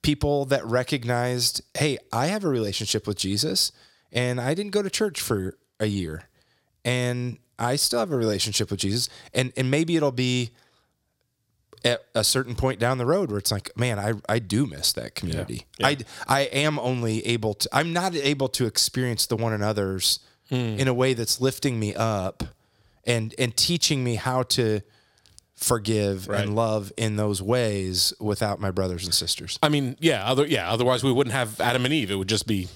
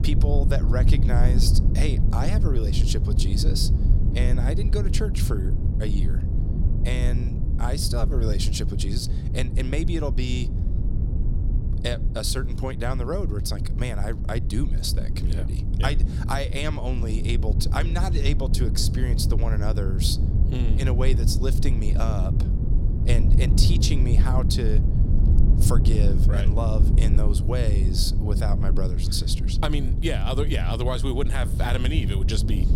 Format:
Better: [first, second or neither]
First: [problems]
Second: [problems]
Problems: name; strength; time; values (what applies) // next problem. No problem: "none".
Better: first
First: none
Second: low rumble; loud; throughout; 6 dB below the speech